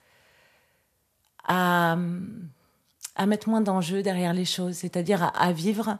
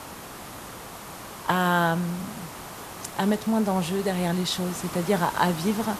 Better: first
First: none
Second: hiss; noticeable; throughout; 10 dB below the speech

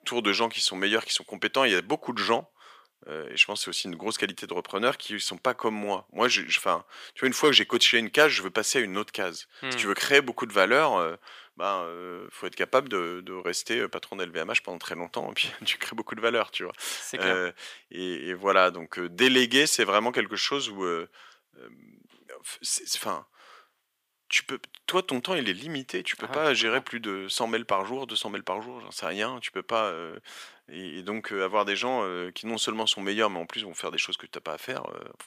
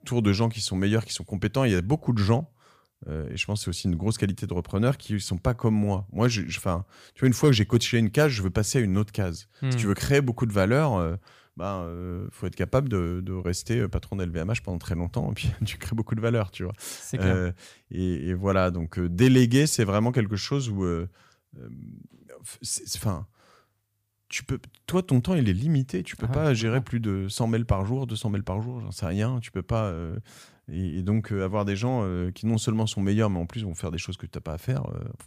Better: second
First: thin; very; fading below 350 Hz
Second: none

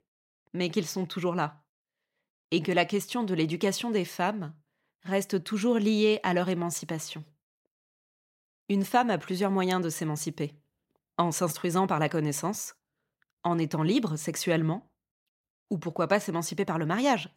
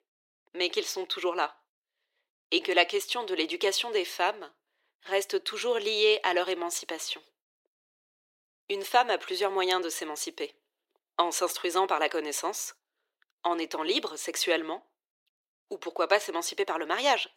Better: first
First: none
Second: thin; very; fading below 350 Hz

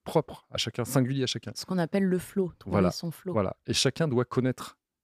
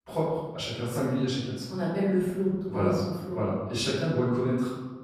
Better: first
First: none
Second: off-mic speech; far // room echo; strong; dies away in 1.2 s

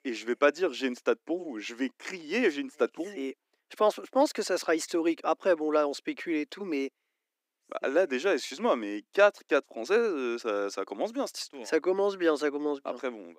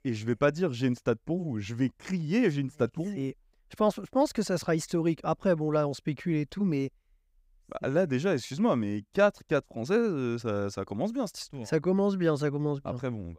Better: second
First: thin; somewhat; fading below 300 Hz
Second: none

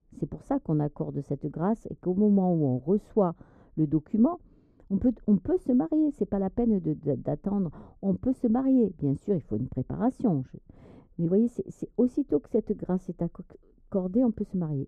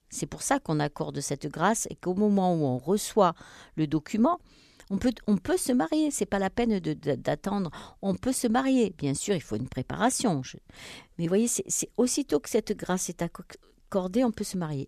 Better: second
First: muffled; very; fading above 1 kHz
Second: none

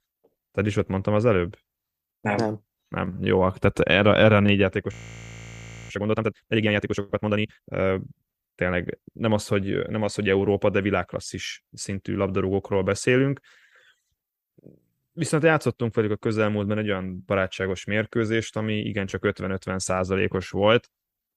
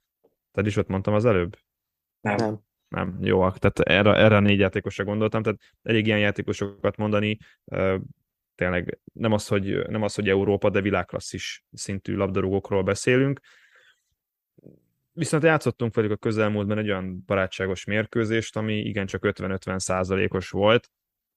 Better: second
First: audio freezing; at 5 s for 1 s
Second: none

